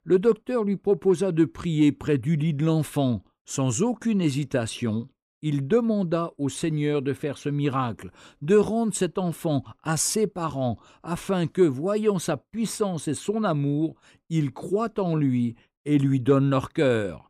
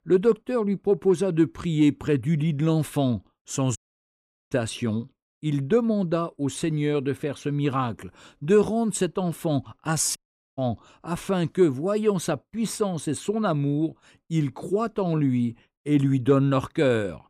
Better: first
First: none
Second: audio cutting out; at 4 s for 1 s and at 10 s

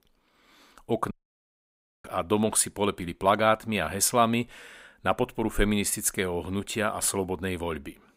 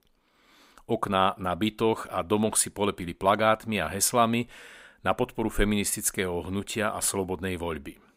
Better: second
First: audio cutting out; at 1 s for 1 s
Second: none

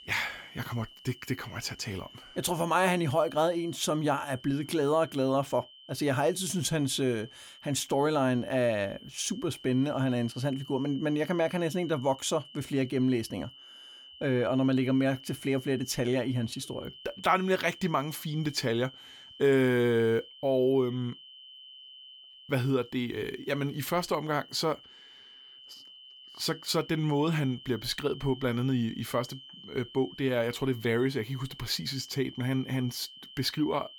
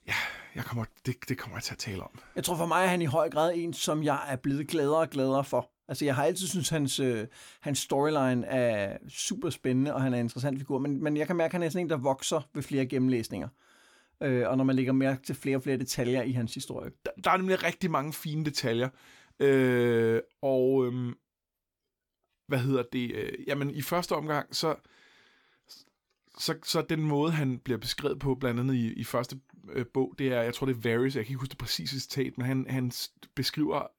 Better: second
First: high-pitched whine; noticeable; throughout; 3 kHz, 20 dB below the speech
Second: none

